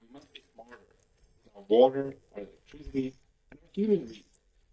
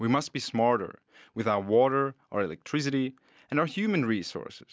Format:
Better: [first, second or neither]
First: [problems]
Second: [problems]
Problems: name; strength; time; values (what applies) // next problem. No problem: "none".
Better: second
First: noise reduction (neural mask model DeepFilterNet 3)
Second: none